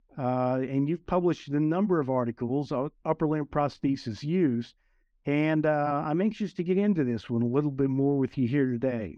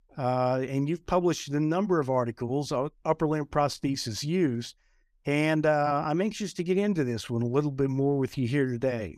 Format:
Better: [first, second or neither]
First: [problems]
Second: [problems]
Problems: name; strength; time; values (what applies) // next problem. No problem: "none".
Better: second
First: muffled; slightly; fading above 3 kHz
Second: none